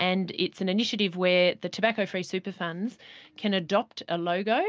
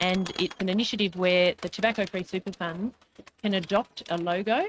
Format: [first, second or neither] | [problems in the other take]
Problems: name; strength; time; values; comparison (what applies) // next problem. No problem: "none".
first | noise reduction (neural mask model RNNoise)